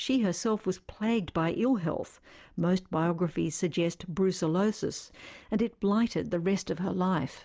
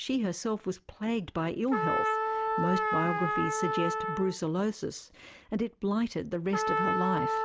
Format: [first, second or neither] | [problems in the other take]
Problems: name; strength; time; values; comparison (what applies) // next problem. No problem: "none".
first | background sound (Trumpet); 1 dB below the speech